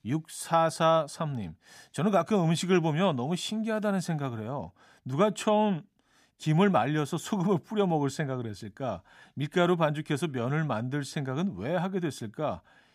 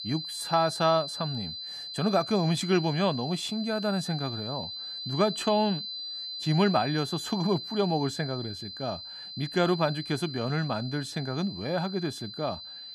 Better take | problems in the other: first | high-pitched whine; loud; throughout; 4 kHz, 7 dB below the speech

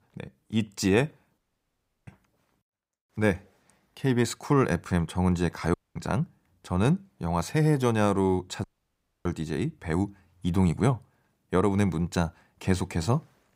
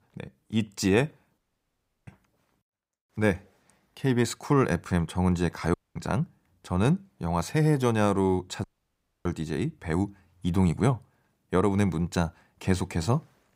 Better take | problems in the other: neither | audio cutting out; at 1.5 s for 0.5 s, at 5.5 s and at 8.5 s for 0.5 s; the same in both

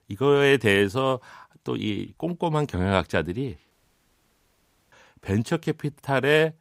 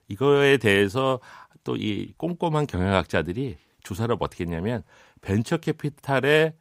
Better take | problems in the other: second | audio cutting out; at 3.5 s for 1 s

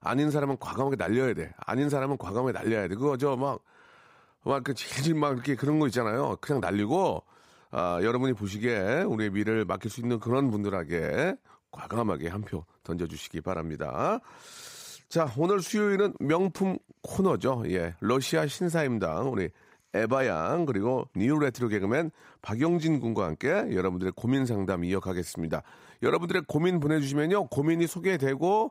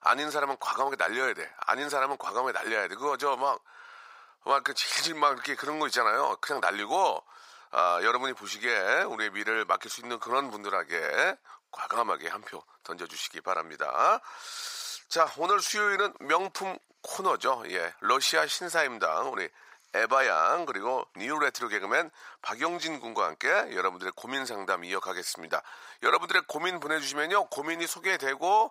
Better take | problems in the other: first | thin; very; fading below 800 Hz

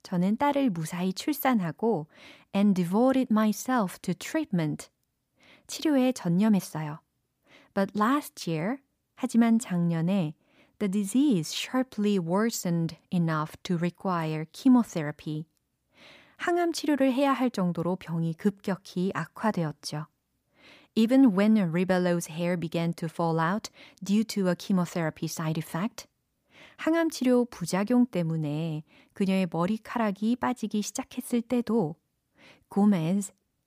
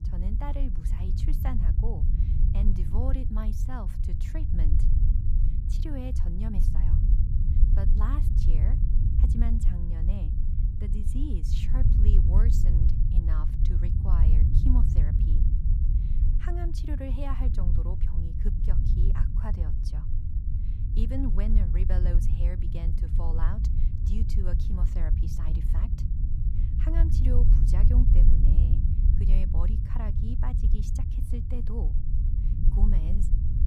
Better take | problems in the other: first | low rumble; loud; throughout; 1 dB below the speech

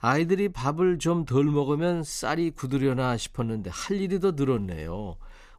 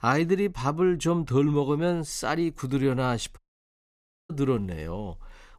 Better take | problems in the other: first | audio cutting out; at 3.5 s for 1 s

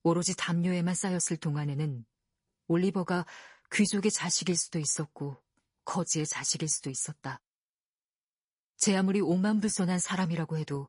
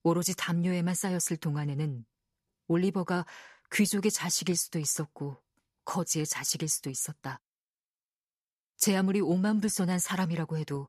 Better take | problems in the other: second | garbled, watery; slightly; nothing above 10.5 kHz

